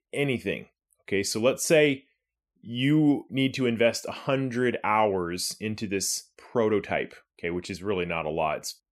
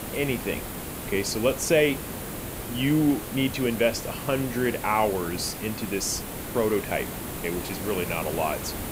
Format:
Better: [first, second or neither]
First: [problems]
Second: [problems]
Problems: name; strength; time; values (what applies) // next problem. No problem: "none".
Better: first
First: none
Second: hiss; loud; throughout; 7 dB below the speech